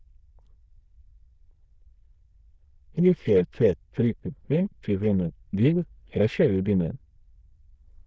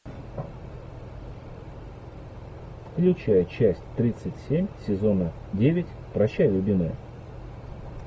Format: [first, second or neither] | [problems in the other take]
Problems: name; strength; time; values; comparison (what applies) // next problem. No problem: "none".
second | noise reduction (neural diffusion model UNIVERSE++)